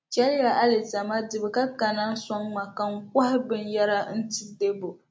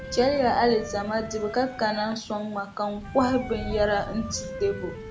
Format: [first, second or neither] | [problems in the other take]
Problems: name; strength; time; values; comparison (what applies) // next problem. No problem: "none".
first | background sound (Thunder / Rain + Wind instrument, woodwind instrument); 11 dB below the speech